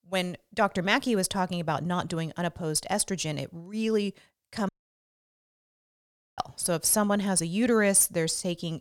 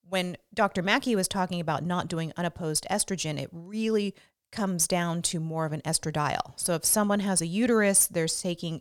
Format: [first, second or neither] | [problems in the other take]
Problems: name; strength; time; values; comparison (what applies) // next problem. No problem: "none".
second | audio cutting out; at 4.5 s for 1.5 s